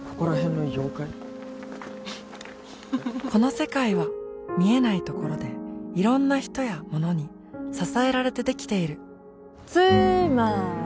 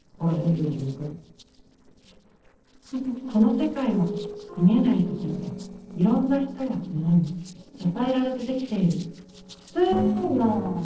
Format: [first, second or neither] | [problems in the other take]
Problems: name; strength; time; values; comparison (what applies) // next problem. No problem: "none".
first | noise reduction (neural separator model SepFormer DNS4)